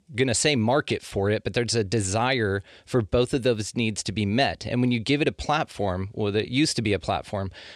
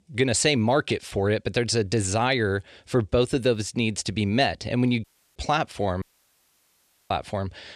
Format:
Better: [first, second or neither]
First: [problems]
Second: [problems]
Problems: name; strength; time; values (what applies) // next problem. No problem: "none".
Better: first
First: none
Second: audio cutting out; at 5 s and at 6 s for 1 s